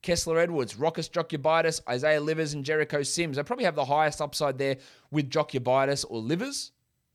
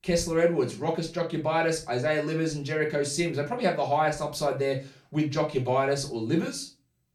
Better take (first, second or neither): first